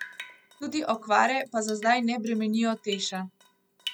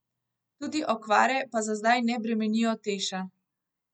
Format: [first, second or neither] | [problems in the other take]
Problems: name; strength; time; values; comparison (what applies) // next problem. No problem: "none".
second | background sound (Drip); 16 dB below the speech